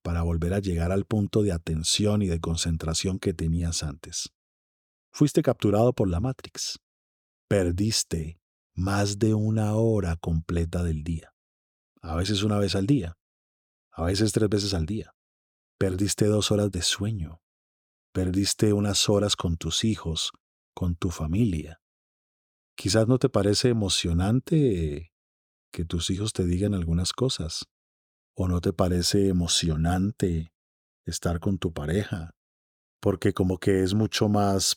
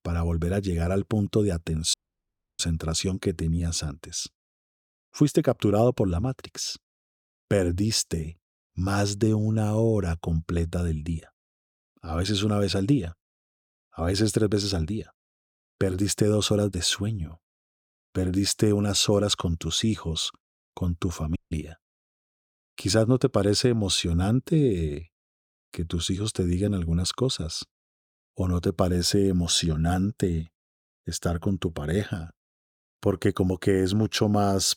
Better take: first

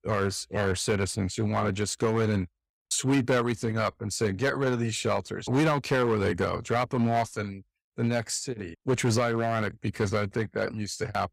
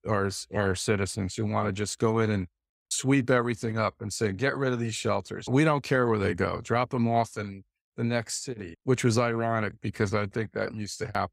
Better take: second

